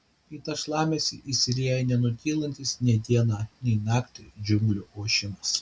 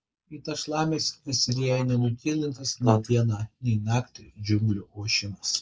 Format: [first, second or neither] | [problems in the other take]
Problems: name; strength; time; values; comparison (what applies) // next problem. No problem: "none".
first | noise reduction (neural mask model Resemble Enhance denoiser)